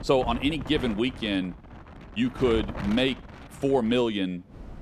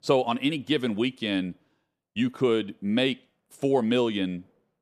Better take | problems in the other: second | wind noise on the microphone; occasional gusts; 15 dB below the speech

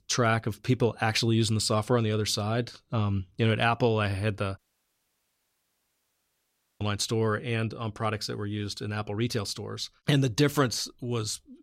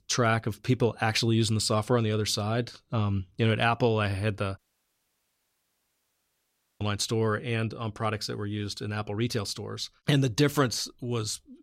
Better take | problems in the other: neither | audio cutting out; at 4.5 s for 2 s; the same in both

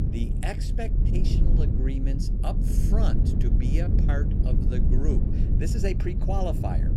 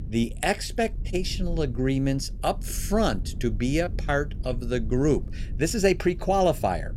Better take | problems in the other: second | low rumble; loud; throughout; 2 dB below the speech; faint in the second

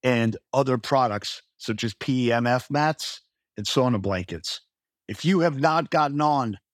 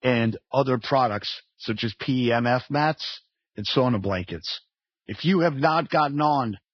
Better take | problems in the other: first | garbled, watery; badly; nothing above 5.5 kHz

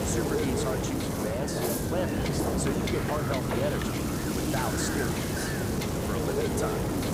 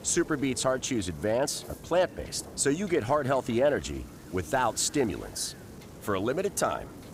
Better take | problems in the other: second | wind noise on the microphone; heavy; 4 dB above the speech; occasional gusts in the second

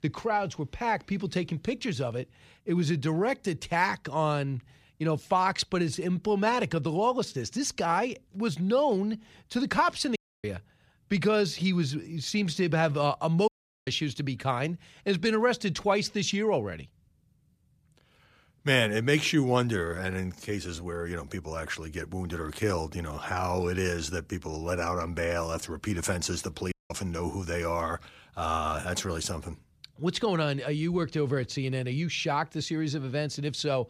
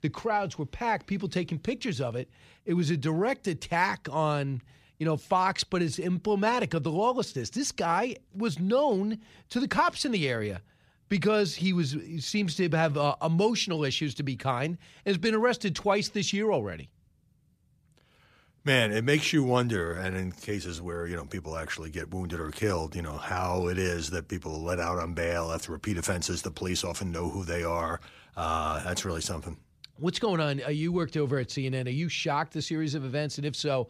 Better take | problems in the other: second | audio cutting out; at 10 s, at 13 s and at 27 s

